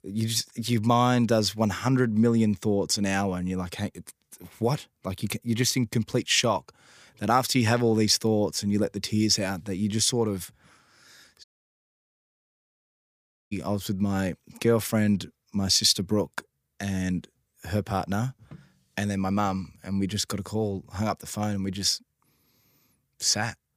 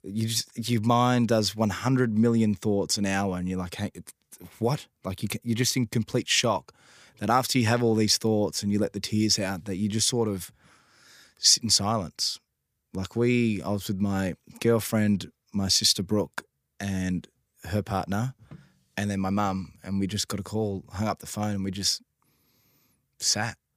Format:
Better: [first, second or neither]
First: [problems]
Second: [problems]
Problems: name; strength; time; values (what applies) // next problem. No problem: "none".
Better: second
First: audio cutting out; at 11 s for 2 s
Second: none